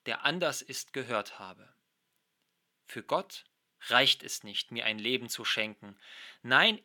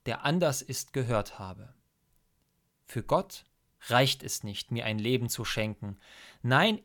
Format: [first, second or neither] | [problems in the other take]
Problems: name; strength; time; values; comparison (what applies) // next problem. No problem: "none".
second | thin; somewhat; fading below 250 Hz